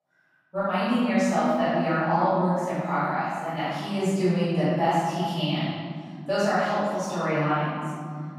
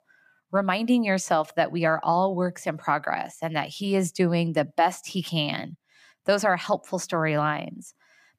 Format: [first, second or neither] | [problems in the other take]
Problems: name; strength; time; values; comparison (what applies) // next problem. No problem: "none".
second | room echo; strong; dies away in 2.6 s // off-mic speech; far